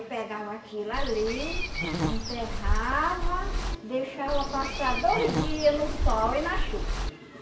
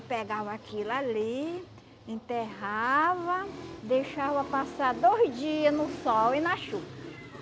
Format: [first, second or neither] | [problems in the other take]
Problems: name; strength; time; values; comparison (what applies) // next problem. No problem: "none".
second | background sound (Walk, footsteps / Insect); 1 dB above the speech // room echo; dies away in 0.7 s